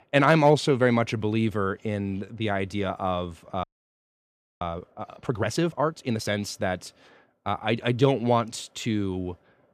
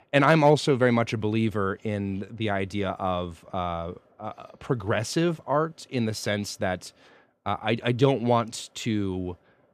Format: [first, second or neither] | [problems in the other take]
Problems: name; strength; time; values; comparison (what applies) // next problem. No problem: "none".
second | audio freezing; at 3.5 s for 1 s